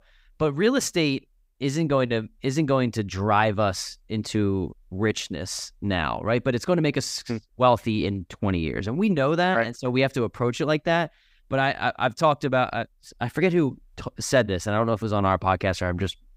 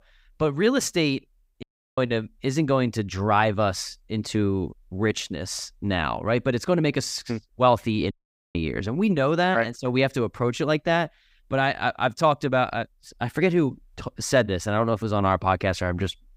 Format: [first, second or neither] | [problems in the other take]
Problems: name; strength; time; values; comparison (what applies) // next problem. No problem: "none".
first | audio cutting out; at 1.5 s and at 8 s